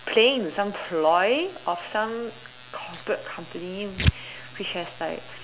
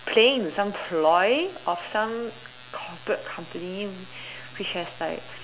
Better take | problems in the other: second | background sound (Tearing); 4 dB below the speech

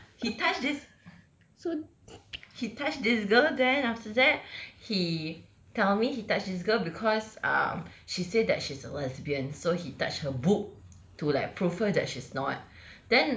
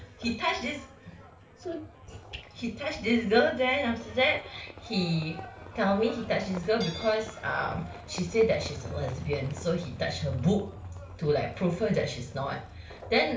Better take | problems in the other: first | background sound (Livestock, farm animals, working animals); 17 dB below the speech // room echo; dies away in 0.3 s

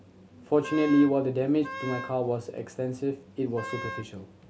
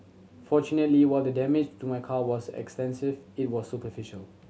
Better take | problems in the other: second | background sound (Wind instrument, woodwind instrument); 12 dB below the speech

